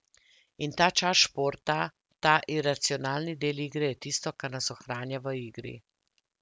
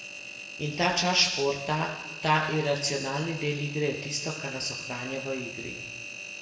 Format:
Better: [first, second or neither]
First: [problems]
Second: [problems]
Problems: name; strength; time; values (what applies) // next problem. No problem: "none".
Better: first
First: none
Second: background sound (Engine); 10 dB below the speech // room echo; dies away in 1.1 s